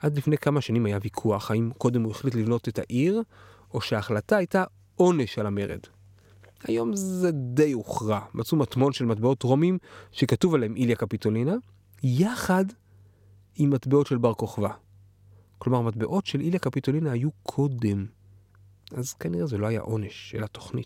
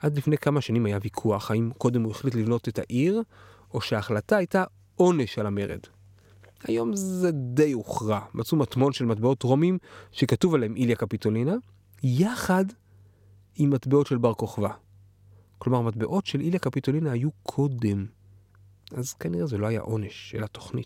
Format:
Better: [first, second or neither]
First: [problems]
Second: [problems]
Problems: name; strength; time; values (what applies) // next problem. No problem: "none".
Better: neither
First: none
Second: none